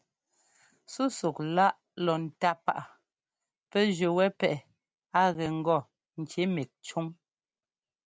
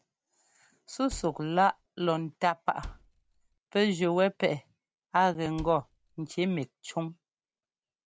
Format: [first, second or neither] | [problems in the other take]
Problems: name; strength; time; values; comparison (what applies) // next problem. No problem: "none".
first | background sound (Cupboard open or close); 16 dB below the speech